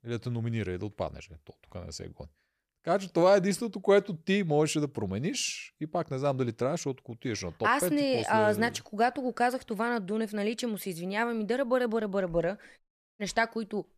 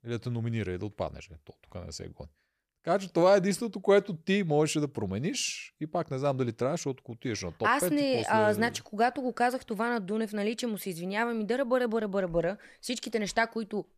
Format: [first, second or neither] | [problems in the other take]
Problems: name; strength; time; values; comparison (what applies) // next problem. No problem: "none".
second | audio cutting out; at 13 s